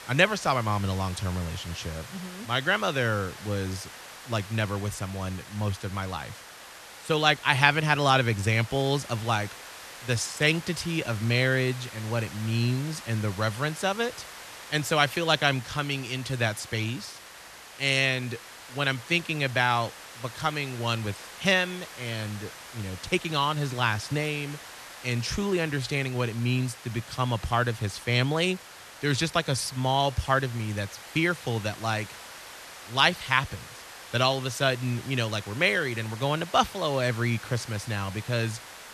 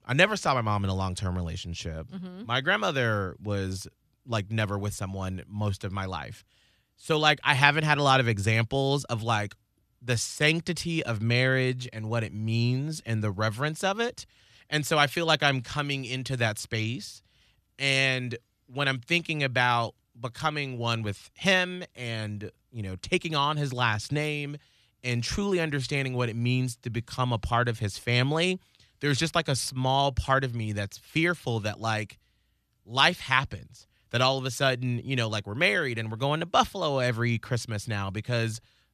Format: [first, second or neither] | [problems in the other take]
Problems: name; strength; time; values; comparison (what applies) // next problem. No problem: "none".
second | hiss; noticeable; throughout; 15 dB below the speech